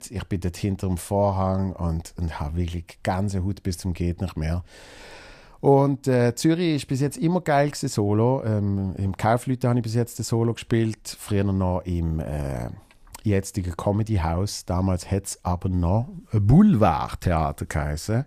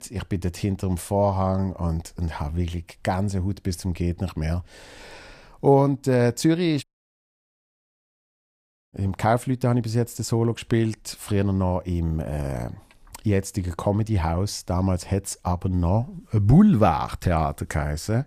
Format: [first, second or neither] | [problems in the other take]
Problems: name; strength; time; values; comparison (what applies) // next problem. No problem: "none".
first | audio cutting out; at 7 s for 2 s